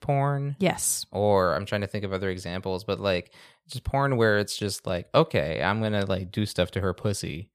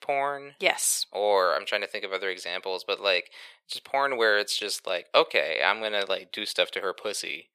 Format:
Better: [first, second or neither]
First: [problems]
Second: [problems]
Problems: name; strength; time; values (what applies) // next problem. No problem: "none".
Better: first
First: none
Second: thin; very; fading below 450 Hz